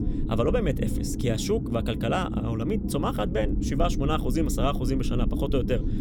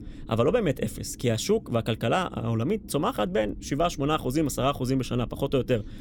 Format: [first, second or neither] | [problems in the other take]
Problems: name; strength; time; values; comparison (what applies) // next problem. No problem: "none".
second | low rumble; loud; throughout; 8 dB below the speech; faint in the second